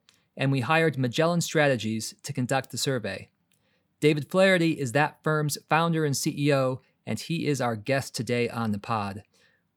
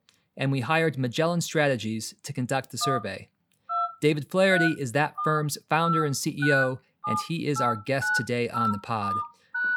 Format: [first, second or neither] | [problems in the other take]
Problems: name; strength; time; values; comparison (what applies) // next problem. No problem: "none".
first | phone ringing; loud; from 3 s on; peak 1 dB above the speech